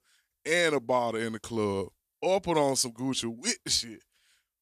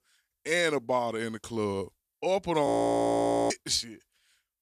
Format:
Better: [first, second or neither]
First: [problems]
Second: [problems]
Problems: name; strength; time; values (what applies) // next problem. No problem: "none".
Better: first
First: none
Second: audio freezing; at 2.5 s for 1 s